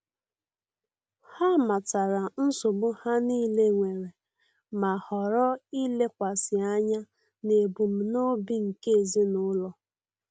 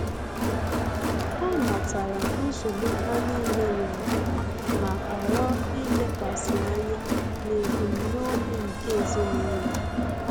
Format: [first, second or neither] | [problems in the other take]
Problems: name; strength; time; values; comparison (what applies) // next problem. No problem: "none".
first | background sound (Crowd); 4 dB above the speech